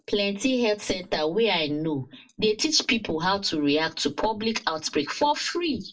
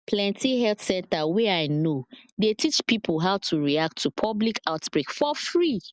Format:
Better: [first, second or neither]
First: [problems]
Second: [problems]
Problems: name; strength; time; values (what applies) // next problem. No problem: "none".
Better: second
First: room echo; dies away in 0.2 s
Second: none